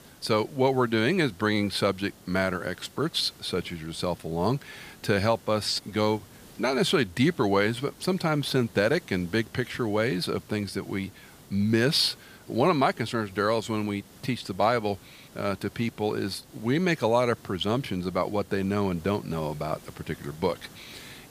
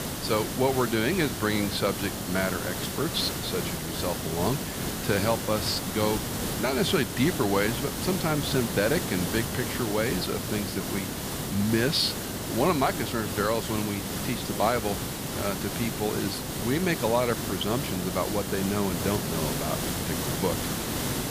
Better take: first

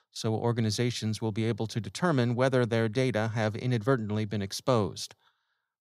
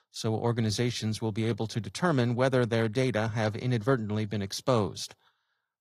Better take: first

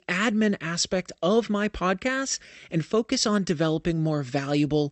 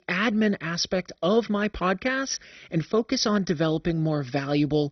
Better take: first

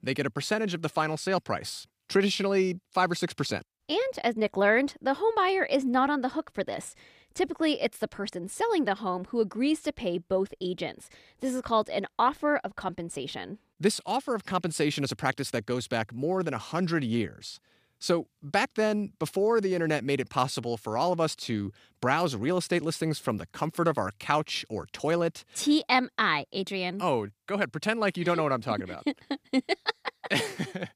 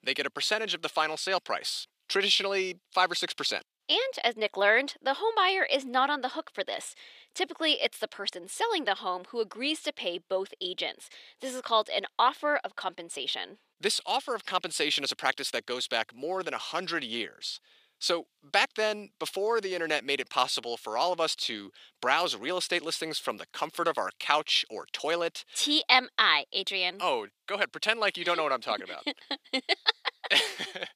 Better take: first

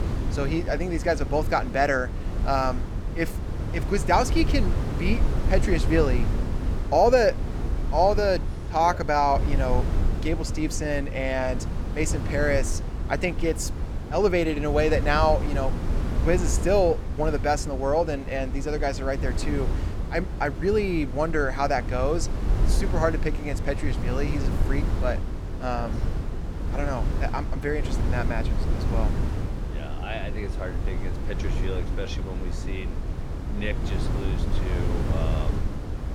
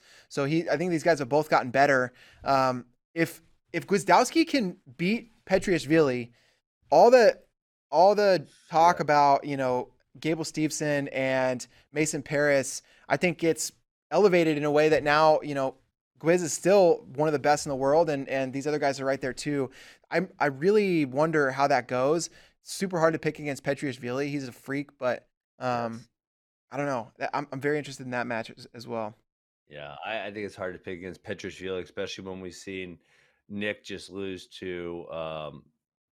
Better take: second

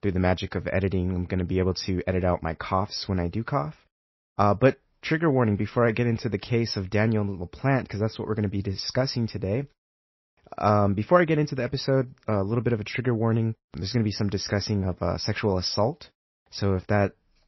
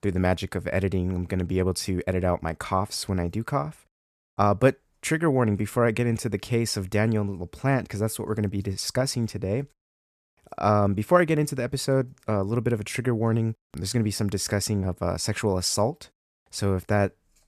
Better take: second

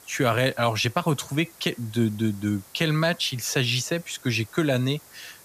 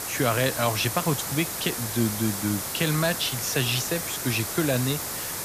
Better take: first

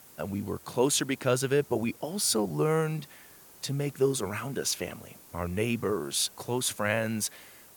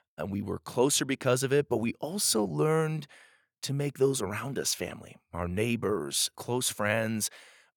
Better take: second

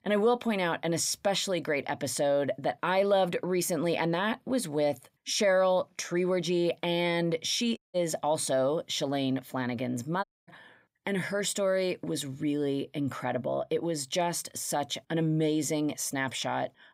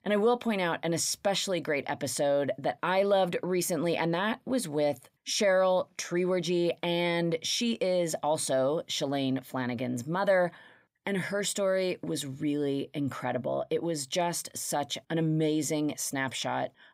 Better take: second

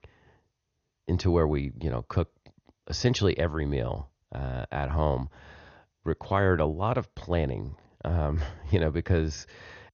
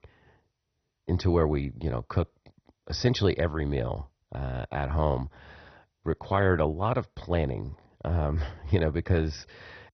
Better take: first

